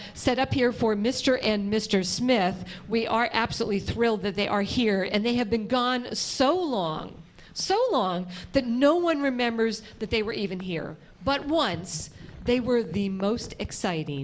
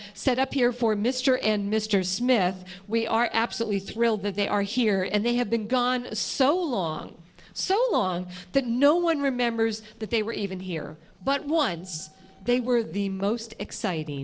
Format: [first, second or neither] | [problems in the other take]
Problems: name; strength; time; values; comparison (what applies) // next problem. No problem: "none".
first | noise reduction (neural separator model SepFormer DNS4)